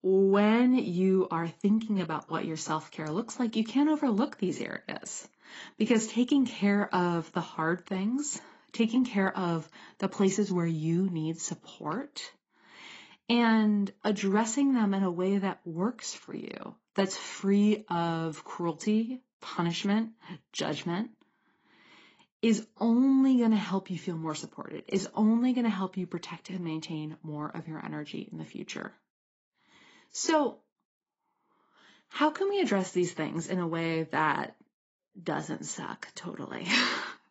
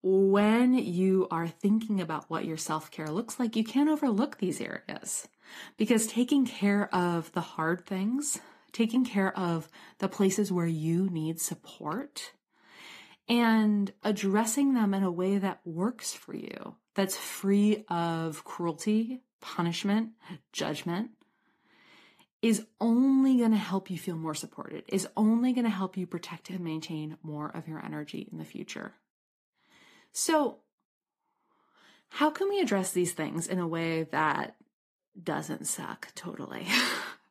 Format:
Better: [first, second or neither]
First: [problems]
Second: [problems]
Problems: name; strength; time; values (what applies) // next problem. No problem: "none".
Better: second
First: garbled, watery; badly; nothing above 7.5 kHz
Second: garbled, watery; slightly; nothing above 14.5 kHz